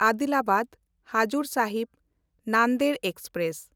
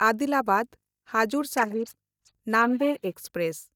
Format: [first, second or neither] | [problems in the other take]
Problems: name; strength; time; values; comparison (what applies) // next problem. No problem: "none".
first | noise reduction (neural mask model DeepFilterNet 3)